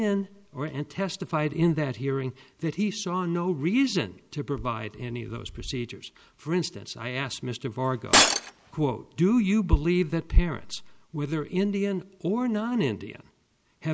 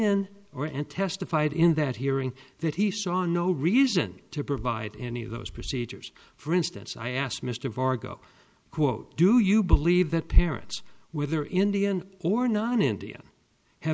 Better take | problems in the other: second | background sound (Shatter); 4 dB above the speech

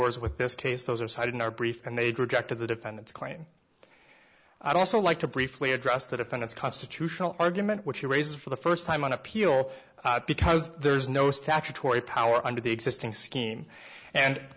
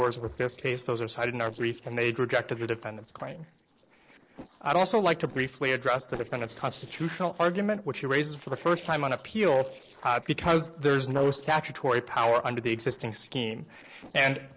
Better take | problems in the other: first | noise reduction (neural separator model SepFormer DNS4)

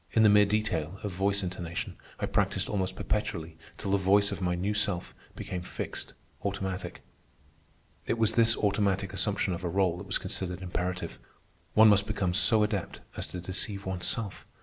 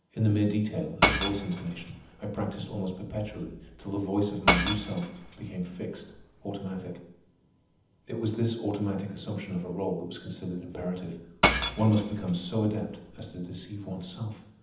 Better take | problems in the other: first | background sound (Shatter / Crushing); 1 dB below the speech // room echo; dies away in 0.8 s

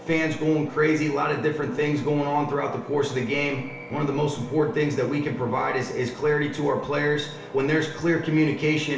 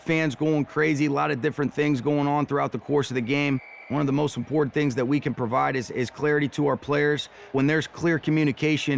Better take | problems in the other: second | background sound (Engine); 18 dB below the speech // room echo; dies away in 0.7 s

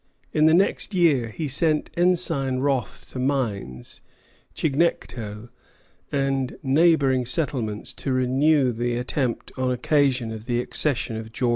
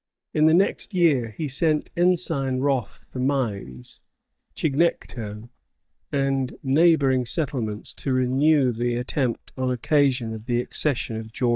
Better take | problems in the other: first | noise reduction (neural mask model DeepFilterNet 3)

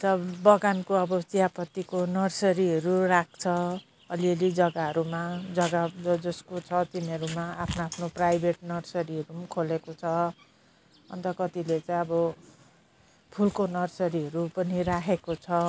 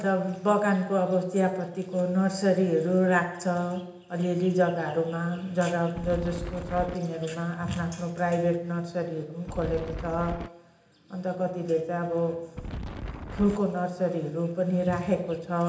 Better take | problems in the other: first | background sound (Wind); 8 dB below the speech // room echo; dies away in 0.8 s

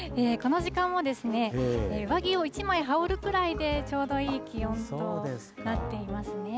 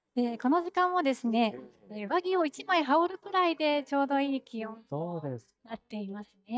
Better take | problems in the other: first | noise reduction (neural mask model DeepFilterNet 3)

